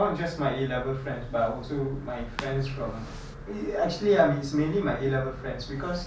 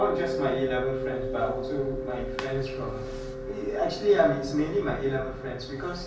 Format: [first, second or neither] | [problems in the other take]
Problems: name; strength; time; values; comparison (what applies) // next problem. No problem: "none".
first | background sound (Mallet percussion); 5 dB below the speech // room echo; dies away in 1.2 s